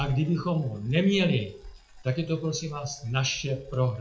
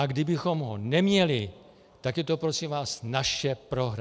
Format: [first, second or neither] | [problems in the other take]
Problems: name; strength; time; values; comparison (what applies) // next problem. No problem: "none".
second | noise reduction (classical method WPE with log-MMSE)